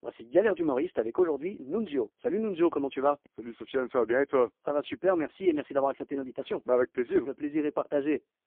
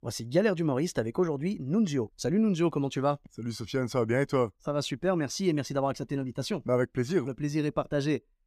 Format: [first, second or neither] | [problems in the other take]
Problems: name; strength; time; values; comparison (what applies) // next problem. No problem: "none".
second | phone-call audio; poor line; nothing above 3.5 kHz